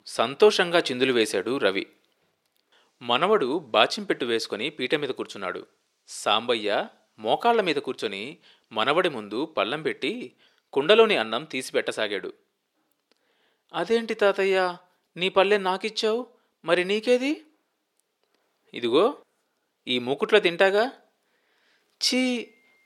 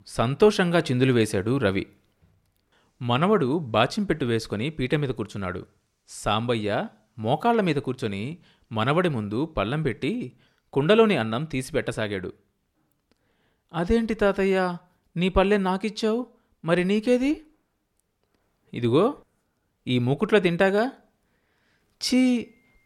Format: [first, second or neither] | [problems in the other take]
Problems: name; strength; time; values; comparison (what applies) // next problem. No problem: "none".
second | thin; somewhat; fading below 400 Hz